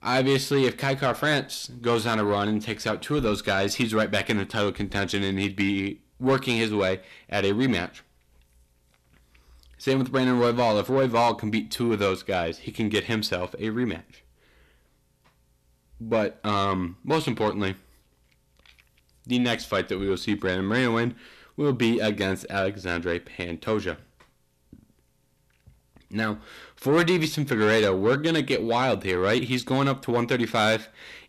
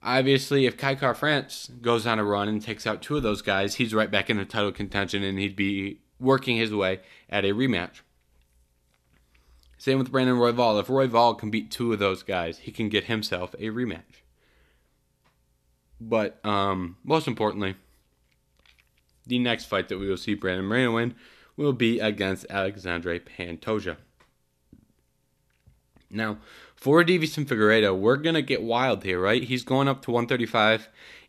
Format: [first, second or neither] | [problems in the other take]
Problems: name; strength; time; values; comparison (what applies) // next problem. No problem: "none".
second | distortion; slight; 10 dB below the speech